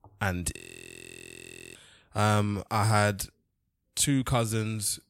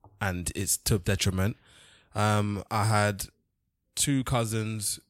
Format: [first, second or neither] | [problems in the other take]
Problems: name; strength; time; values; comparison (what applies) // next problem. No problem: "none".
second | audio freezing; at 0.5 s for 1 s